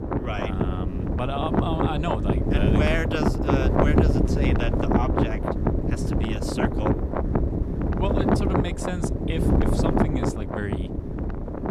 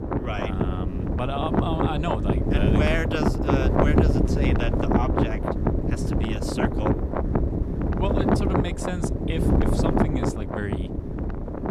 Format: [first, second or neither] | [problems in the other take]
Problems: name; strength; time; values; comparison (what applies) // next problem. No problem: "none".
neither | wind noise on the microphone; heavy; 3 dB above the speech; the same in both